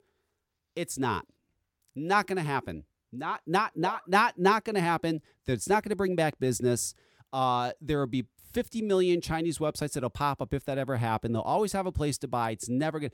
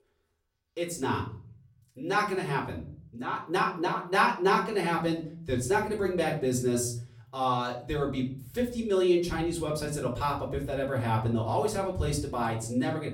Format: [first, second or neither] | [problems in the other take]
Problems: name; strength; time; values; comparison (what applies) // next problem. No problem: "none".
first | off-mic speech; far // room echo; slight; dies away in 0.5 s